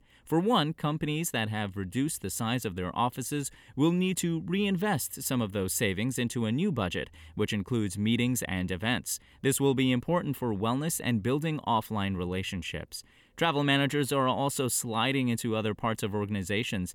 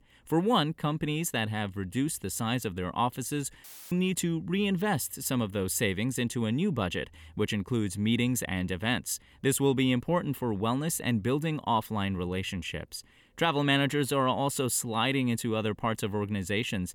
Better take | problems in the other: first | audio cutting out; filled with static; at 3.5 s

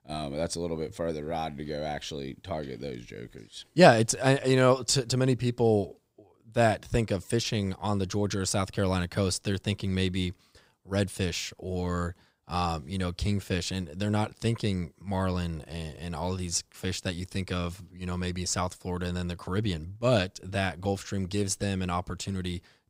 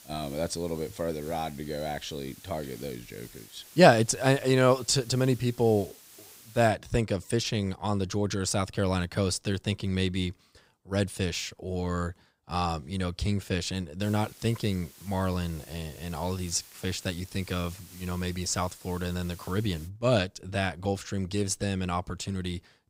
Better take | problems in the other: first | hiss; noticeable; until 6.5 s and from 14 to 20 s; 20 dB below the speech

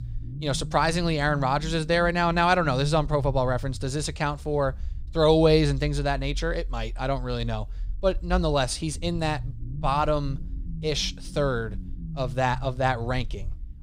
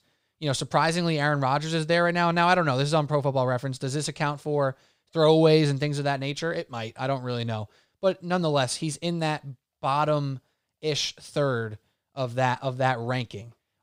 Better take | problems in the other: second | low rumble; faint; throughout; 25 dB below the speech

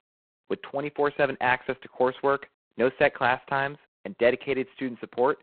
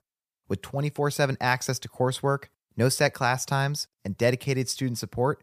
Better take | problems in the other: second | phone-call audio; poor line; nothing above 4 kHz

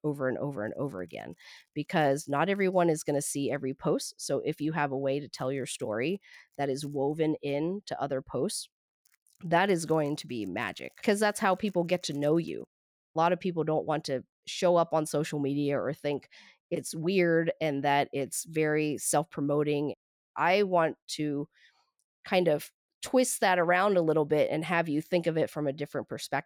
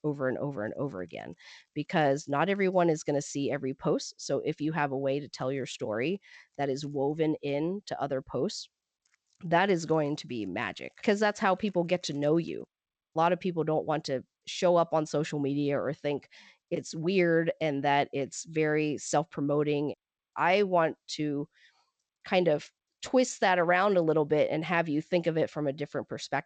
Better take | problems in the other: first | garbled, watery; slightly; nothing above 8 kHz

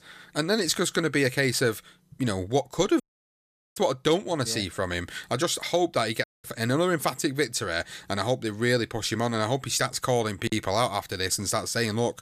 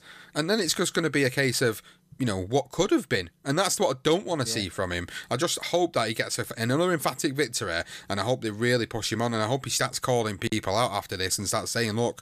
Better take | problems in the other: second | audio cutting out; at 3 s for 1 s and at 6 s

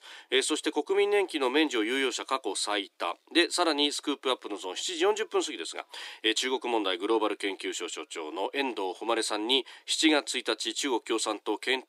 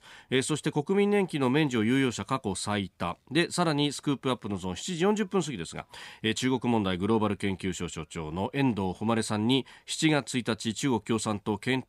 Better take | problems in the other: second | thin; somewhat; fading below 300 Hz

